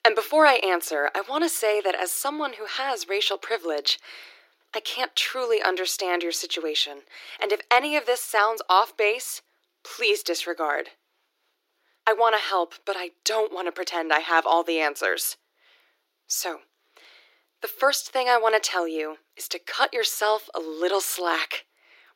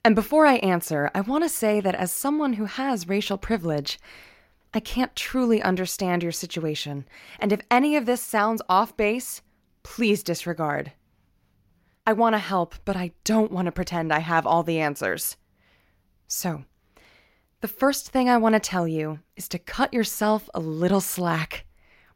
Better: second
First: thin; very; fading below 350 Hz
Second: none

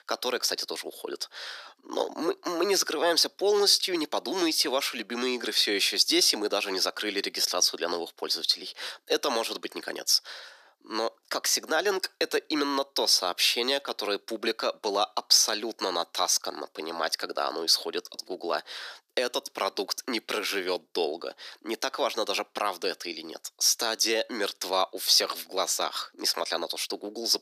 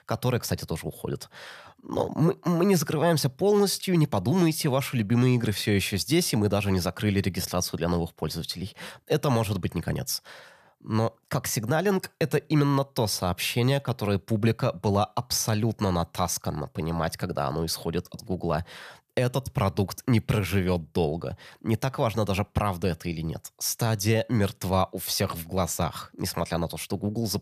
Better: second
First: thin; very; fading below 300 Hz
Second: none

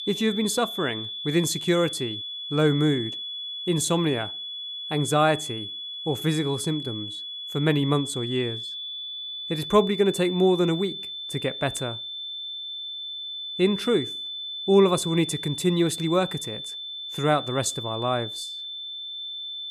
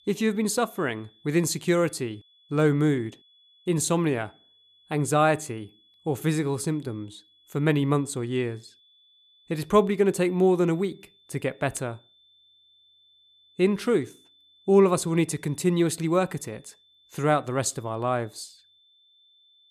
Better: second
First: high-pitched whine; loud; throughout; 3.5 kHz, 7 dB below the speech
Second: high-pitched whine; faint; throughout; 3.5 kHz, 30 dB below the speech

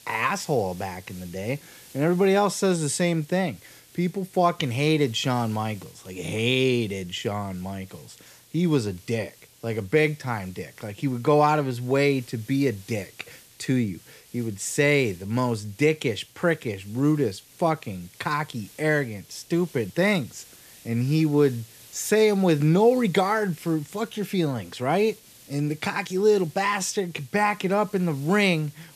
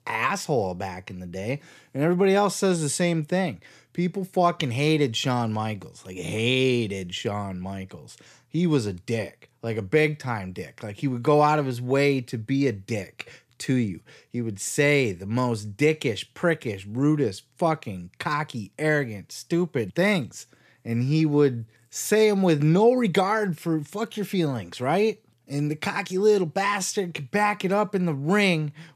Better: second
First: hiss; faint; throughout; 25 dB below the speech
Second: none

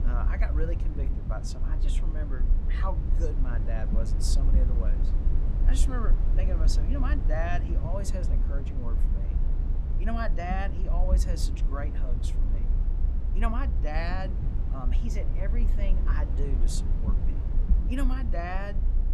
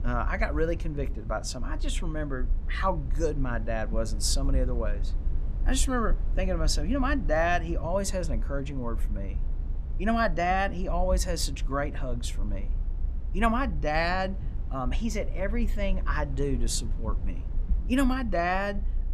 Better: second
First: low rumble; loud; throughout; 8 dB below the speech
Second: low rumble; faint; throughout; 20 dB below the speech

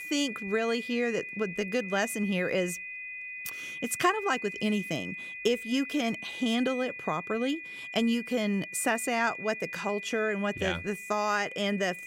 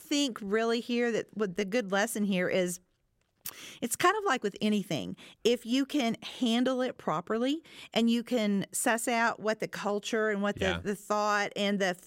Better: second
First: high-pitched whine; loud; throughout; 2.5 kHz, 8 dB below the speech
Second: none

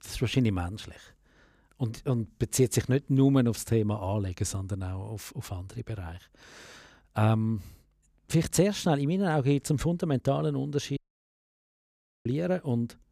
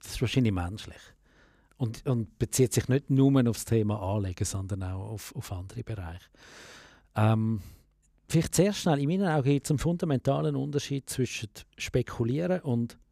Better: second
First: audio cutting out; at 11 s for 1.5 s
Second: none

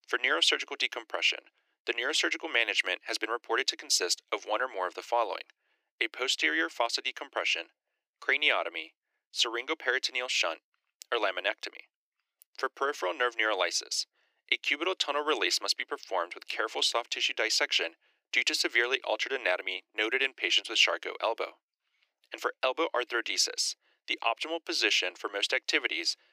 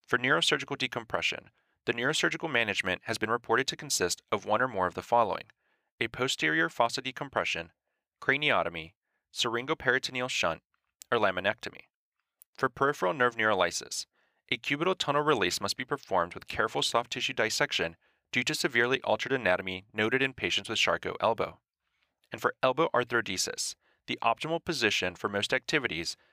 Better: second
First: thin; somewhat; fading below 300 Hz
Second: none

